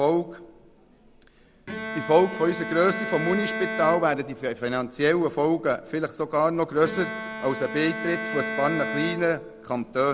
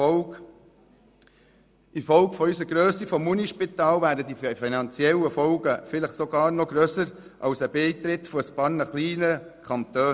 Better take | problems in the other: second | background sound (Bowed string instrument); 9 dB below the speech

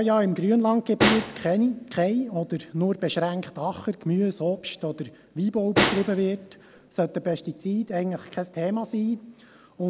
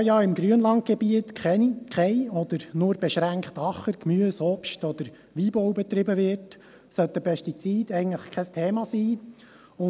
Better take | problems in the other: second | background sound (Snare drum); 5 dB below the speech

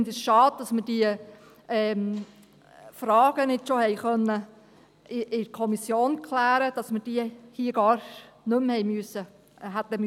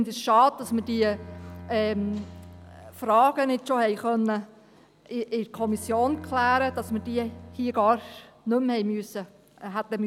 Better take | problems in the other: first | background sound (Bowed string instrument); 18 dB below the speech

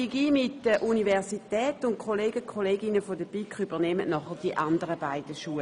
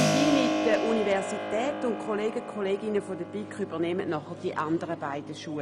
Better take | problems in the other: first | background sound (Keyboard (musical)); 2 dB below the speech

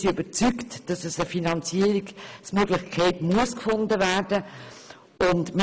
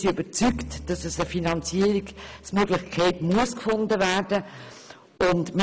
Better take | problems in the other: first | background sound (Bowed string instrument); 17 dB below the speech

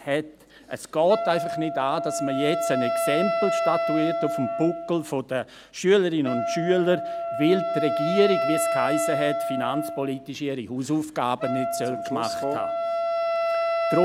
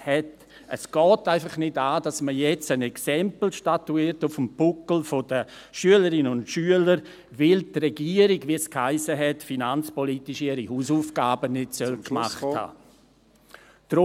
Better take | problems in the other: second | background sound (Wind instrument, woodwind instrument); 2 dB below the speech

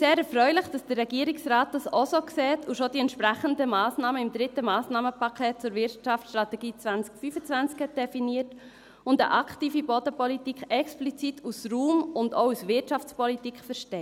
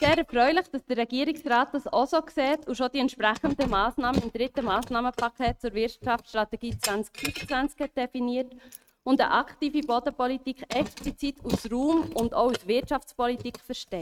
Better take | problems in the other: first | noise reduction (neural mask model RNNoise)

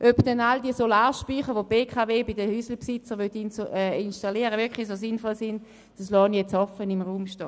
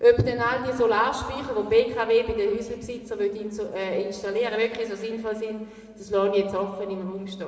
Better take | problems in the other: first | room echo; dies away in 1.9 s

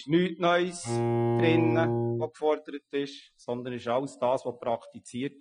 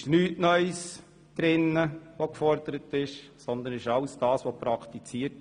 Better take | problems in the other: second | noise reduction (classical method Wiener filter)

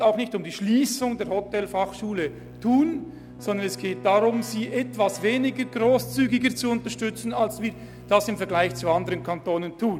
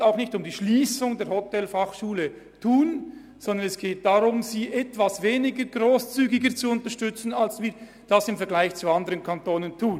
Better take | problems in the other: second | background sound (Keyboard (musical)); 16 dB below the speech

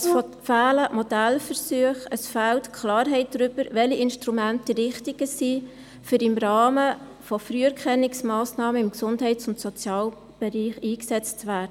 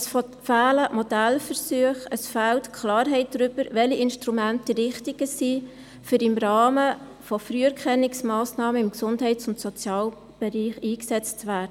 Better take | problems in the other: second | background sound (Brass instrument); 5 dB below the speech

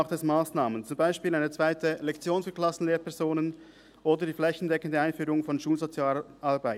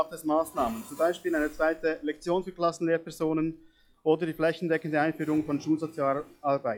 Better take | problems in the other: first | noise reduction (classical method log-MMSE)

